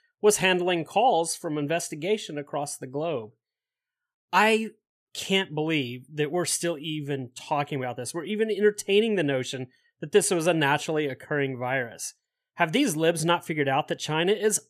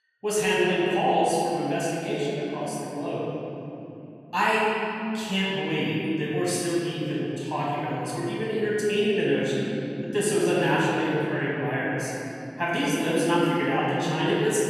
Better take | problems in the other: first | room echo; strong; dies away in 3 s // off-mic speech; far

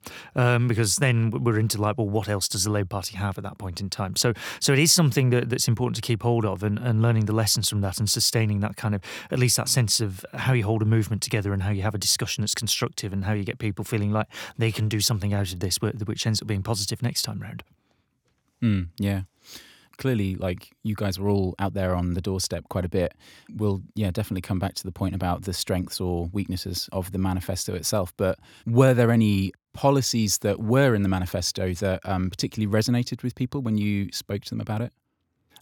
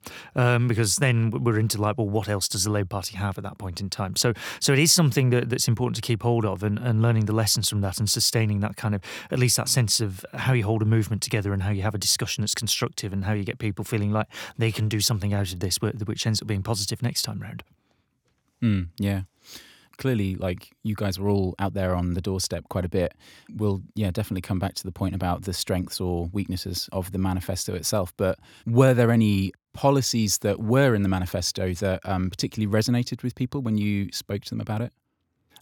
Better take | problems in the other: neither | none

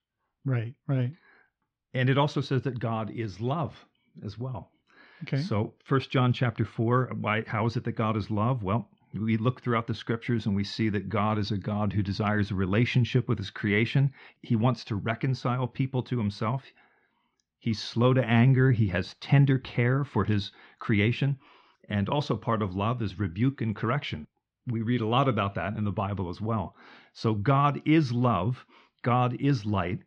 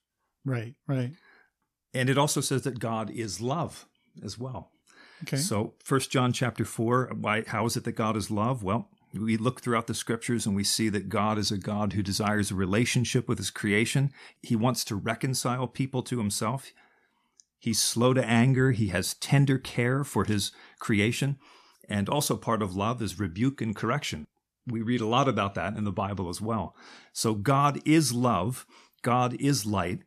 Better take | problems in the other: second | muffled; slightly; fading above 4 kHz

